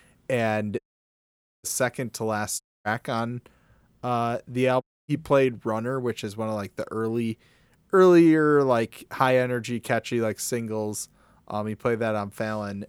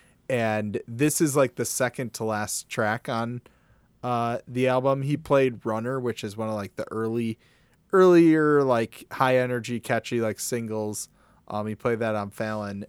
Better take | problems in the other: second | audio cutting out; at 1 s for 1 s, at 2.5 s and at 5 s

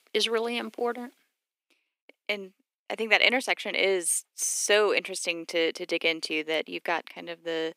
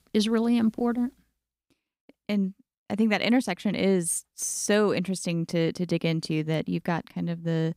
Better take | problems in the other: second | thin; very; fading below 350 Hz

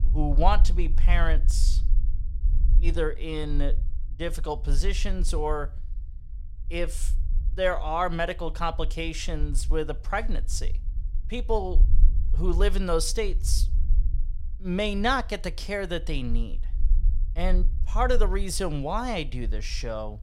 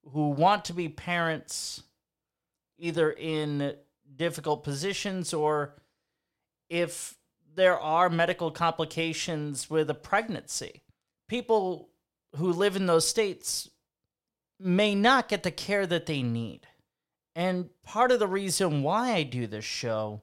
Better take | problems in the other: second | low rumble; faint; throughout; 20 dB below the speech

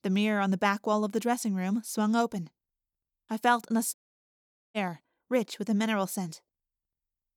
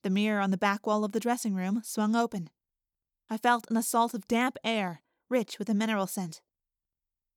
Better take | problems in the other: second | audio cutting out; at 4 s for 1 s

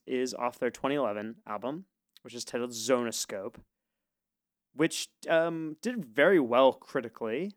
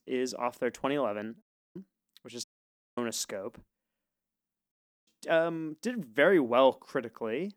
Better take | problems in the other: first | audio cutting out; at 1.5 s, at 2.5 s for 0.5 s and at 4.5 s

